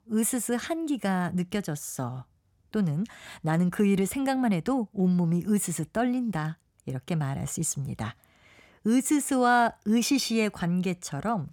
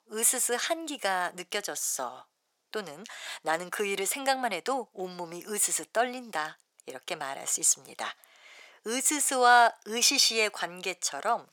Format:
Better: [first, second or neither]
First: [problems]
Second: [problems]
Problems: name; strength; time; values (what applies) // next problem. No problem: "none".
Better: first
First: none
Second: thin; very; fading below 500 Hz